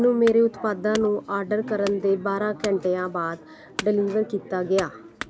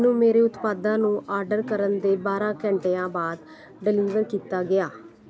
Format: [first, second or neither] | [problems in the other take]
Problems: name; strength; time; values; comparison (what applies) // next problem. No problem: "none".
second | background sound (Wood / Domestic sounds, home sounds); 17 dB below the speech